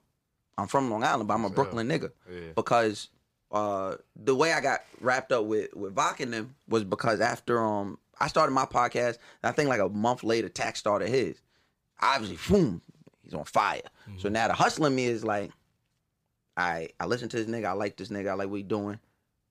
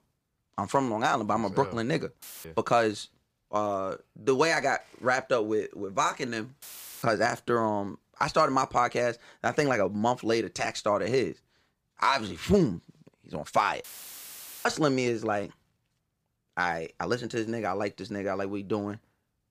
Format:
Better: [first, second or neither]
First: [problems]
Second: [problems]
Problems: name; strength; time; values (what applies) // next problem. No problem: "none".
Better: first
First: none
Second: audio cutting out; filled with static; at 2 s, at 6.5 s and at 14 s for 1 s